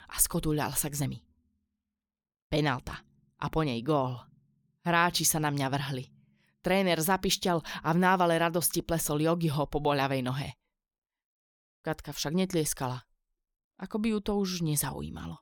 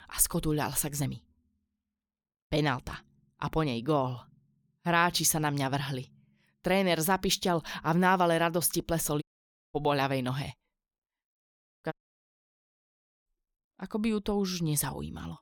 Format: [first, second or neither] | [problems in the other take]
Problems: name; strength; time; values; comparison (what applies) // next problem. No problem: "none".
first | audio cutting out; at 9 s for 0.5 s and at 12 s for 1.5 s